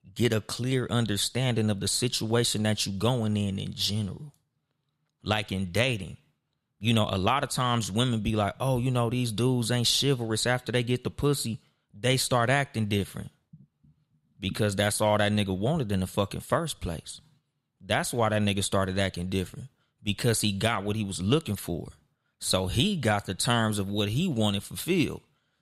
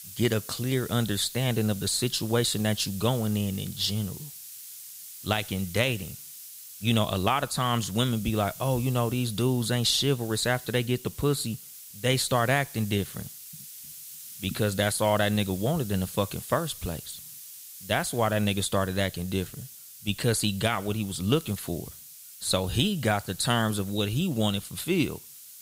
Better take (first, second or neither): first